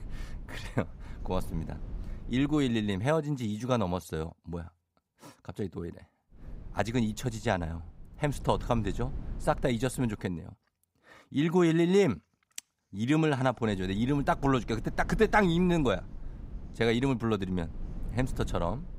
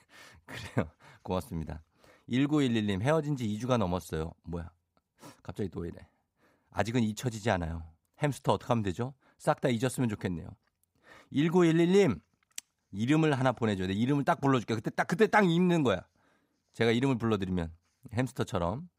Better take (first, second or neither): second